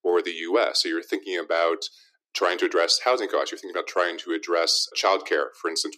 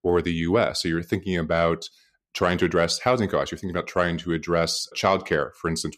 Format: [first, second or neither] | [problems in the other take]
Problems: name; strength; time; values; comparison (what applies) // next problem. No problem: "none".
second | thin; very; fading below 300 Hz